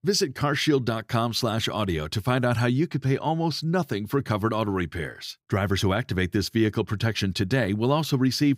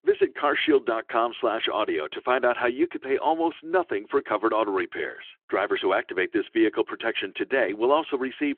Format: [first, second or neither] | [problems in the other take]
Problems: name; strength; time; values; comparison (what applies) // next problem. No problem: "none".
first | phone-call audio; nothing above 3.5 kHz